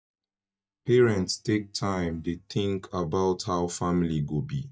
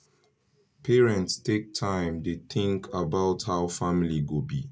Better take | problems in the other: second | noise reduction (neural mask model DeepFilterNet 3)

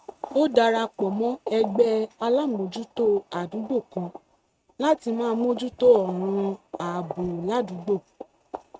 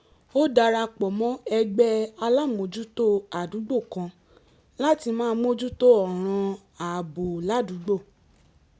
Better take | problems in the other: second | noise reduction (neural mask model RNNoise)

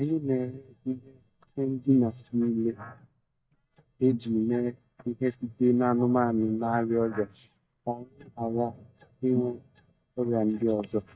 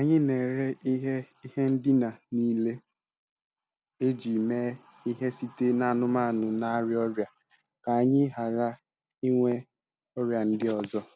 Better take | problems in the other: second | noise reduction (neural mask model DeepFilterNet 3)

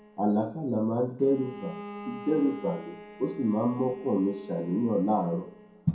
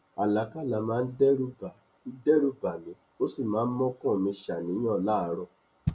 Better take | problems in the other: second | background sound (Bowed string instrument); 17 dB below the speech // room echo; dies away in 0.4 s

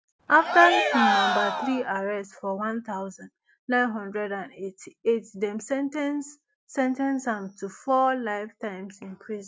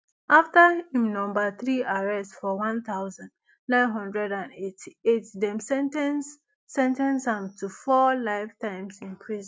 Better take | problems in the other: second | background sound (Cheering); 2 dB above the speech

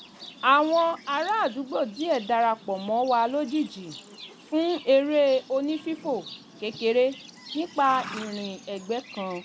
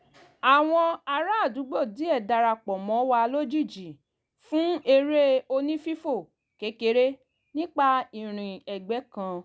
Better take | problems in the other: second | background sound (Livestock, farm animals, working animals); 18 dB below the speech

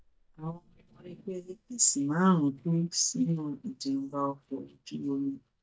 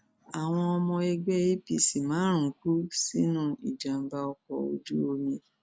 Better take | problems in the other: second | noise reduction (neural mask model DeepFilterNet 3)

